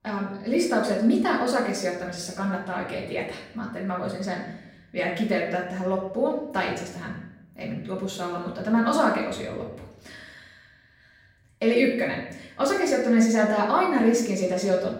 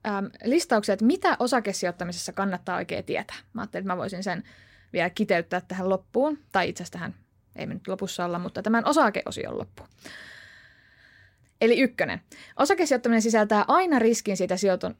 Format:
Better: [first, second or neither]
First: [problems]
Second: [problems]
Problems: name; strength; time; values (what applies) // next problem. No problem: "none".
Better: second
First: off-mic speech; far // room echo; noticeable; dies away in 0.7 s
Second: none